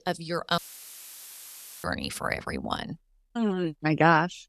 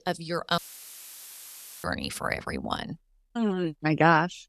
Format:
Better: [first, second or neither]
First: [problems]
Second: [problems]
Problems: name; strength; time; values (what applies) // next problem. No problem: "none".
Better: neither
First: audio cutting out; filled with static; at 0.5 s for 1.5 s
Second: audio cutting out; filled with static; at 0.5 s for 1.5 s